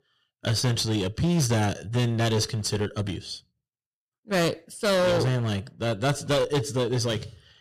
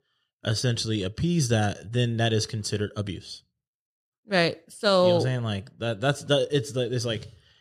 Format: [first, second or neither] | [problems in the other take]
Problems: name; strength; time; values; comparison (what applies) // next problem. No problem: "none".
second | distortion; heavy; 15% of the sound clipped